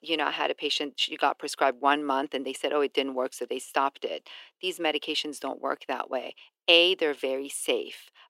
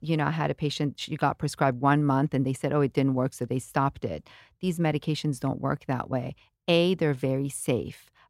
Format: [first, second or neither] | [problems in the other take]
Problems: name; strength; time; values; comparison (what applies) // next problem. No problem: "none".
second | thin; somewhat; fading below 350 Hz